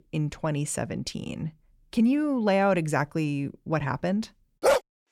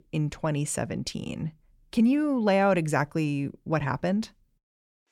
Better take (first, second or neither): second